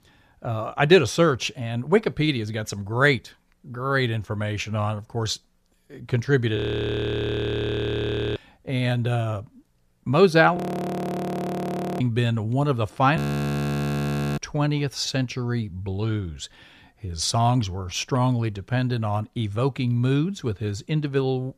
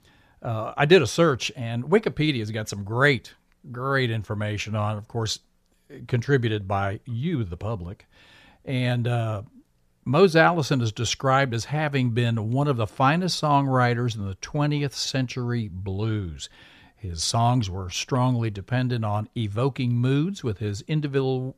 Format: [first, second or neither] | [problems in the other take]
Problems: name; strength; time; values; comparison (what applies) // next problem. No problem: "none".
second | audio freezing; at 6.5 s for 2 s, at 11 s for 1.5 s and at 13 s for 1 s